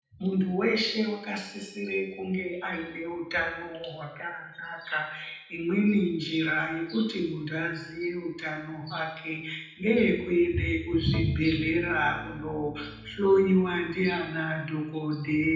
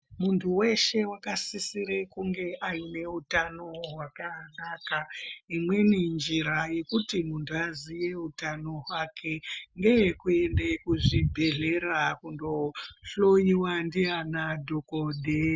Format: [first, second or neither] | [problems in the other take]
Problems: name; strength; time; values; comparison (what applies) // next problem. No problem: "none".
second | background sound (Organ); 14 dB below the speech // room echo; dies away in 0.8 s